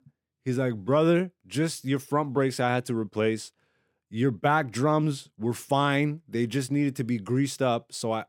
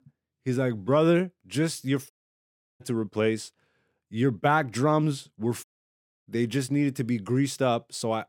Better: first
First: none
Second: audio cutting out; at 2 s for 0.5 s and at 5.5 s for 0.5 s

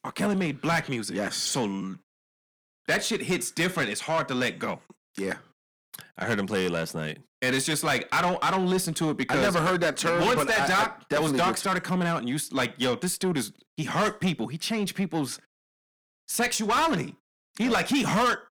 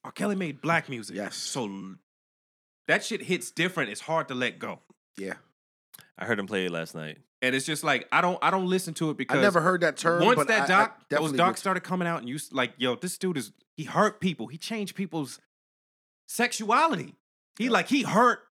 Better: second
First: distortion; heavy; 6 dB below the speech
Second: none

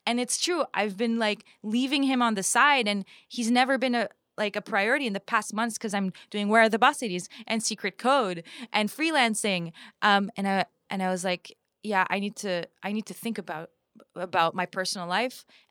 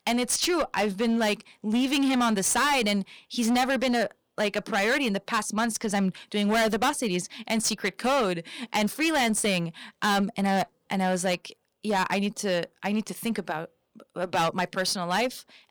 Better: first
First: none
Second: distortion; heavy; 14% of the sound clipped

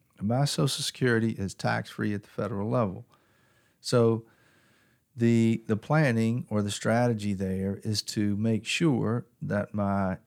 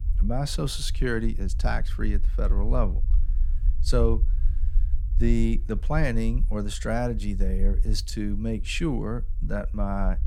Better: first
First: none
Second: low rumble; faint; throughout; 20 dB below the speech

